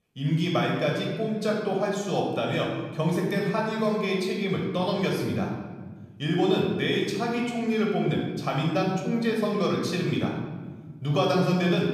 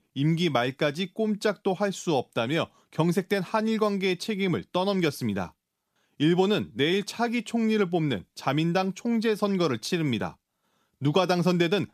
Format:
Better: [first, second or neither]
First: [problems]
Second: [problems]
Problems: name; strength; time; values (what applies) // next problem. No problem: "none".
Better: second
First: off-mic speech; somewhat distant // room echo; noticeable; dies away in 1.3 s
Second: none